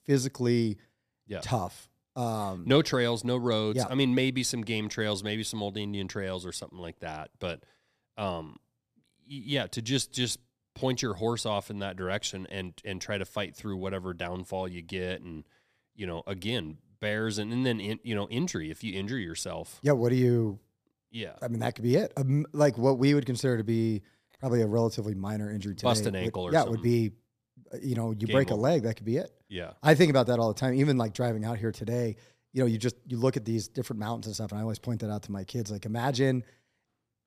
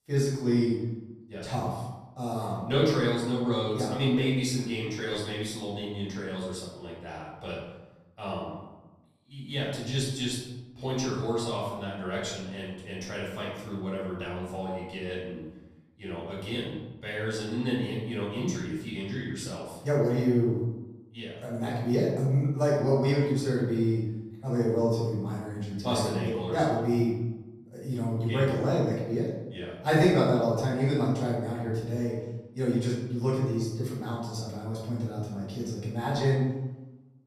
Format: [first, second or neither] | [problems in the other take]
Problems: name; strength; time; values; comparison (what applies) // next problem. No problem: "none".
first | room echo; noticeable; dies away in 0.9 s // off-mic speech; far